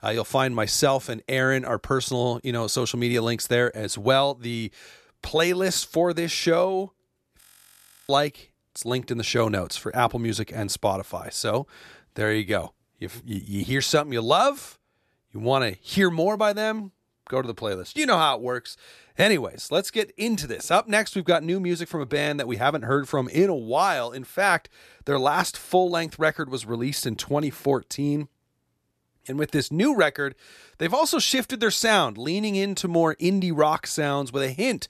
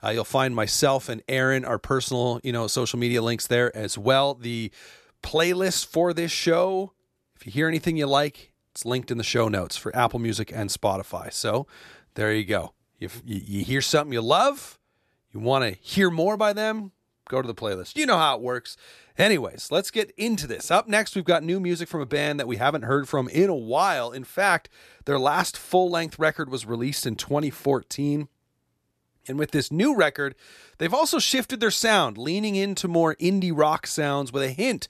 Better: second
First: audio freezing; at 7.5 s for 0.5 s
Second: none

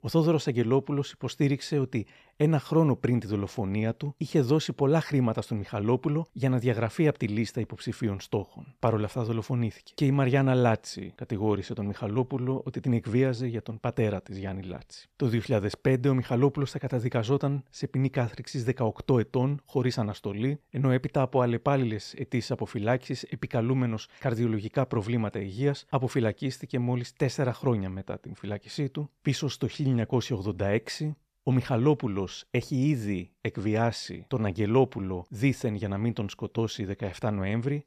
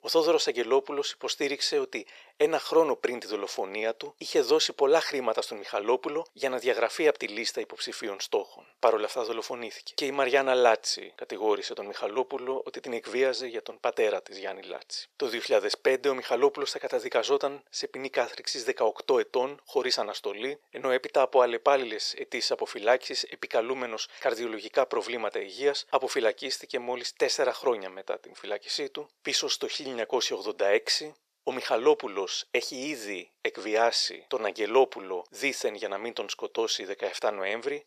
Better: first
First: none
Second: thin; very; fading below 450 Hz

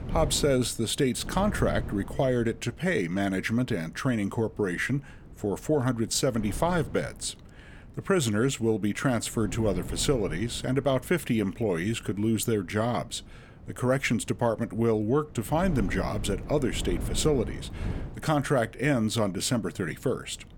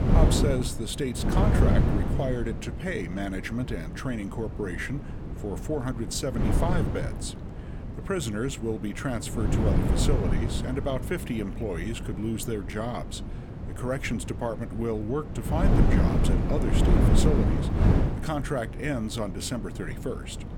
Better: first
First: wind noise on the microphone; occasional gusts; 20 dB below the speech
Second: wind noise on the microphone; heavy; 3 dB below the speech

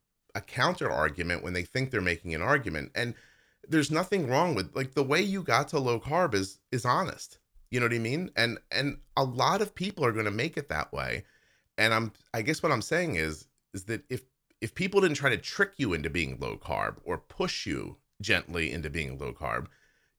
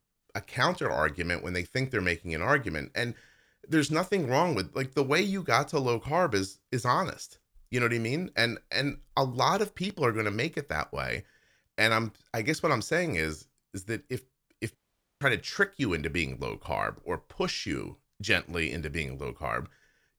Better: first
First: none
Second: audio cutting out; at 15 s

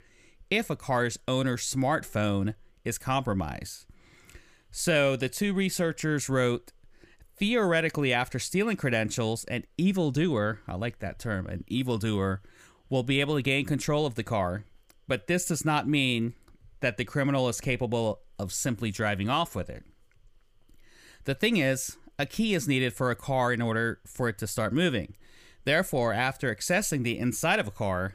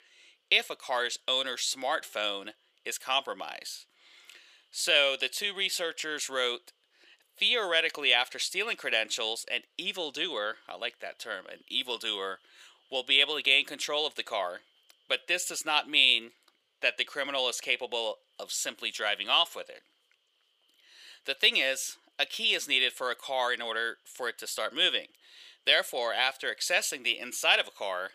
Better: first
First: none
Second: thin; very; fading below 500 Hz

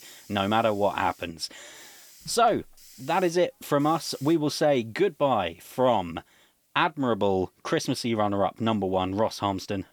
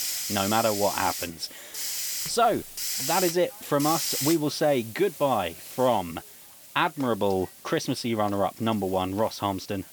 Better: first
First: hiss; faint; throughout; 25 dB below the speech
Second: hiss; loud; throughout; 4 dB below the speech

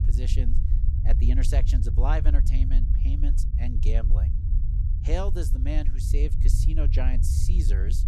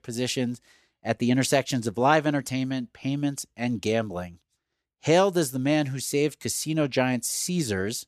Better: second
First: low rumble; loud; throughout; 6 dB below the speech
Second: none

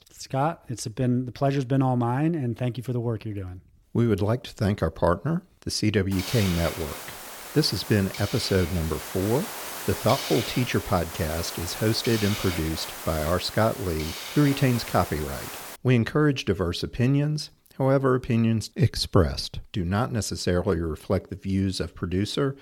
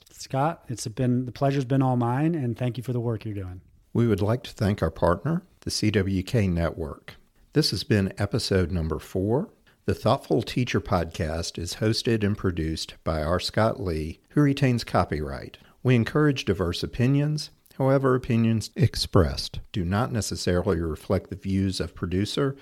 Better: second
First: hiss; loud; from 6 to 16 s; 8 dB below the speech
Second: none

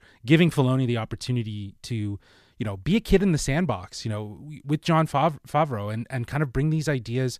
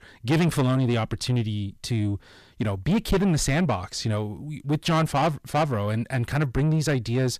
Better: first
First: none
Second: distortion; heavy; 8 dB below the speech

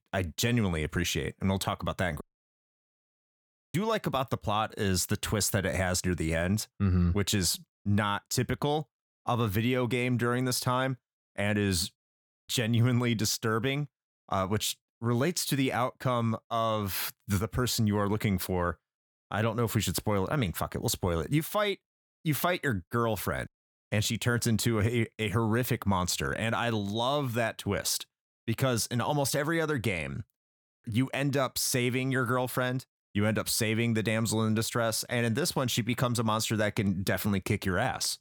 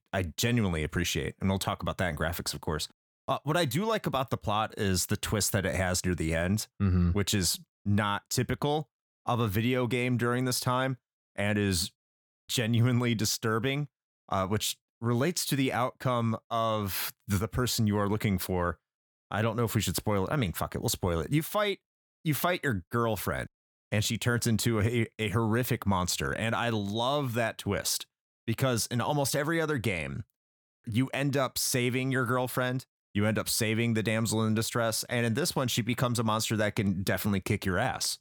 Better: second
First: audio cutting out; at 2 s for 1.5 s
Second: none

